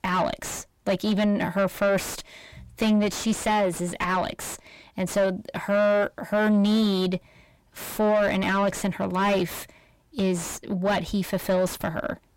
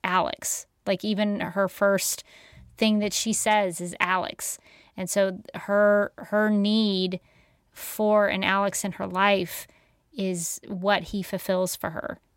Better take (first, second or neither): second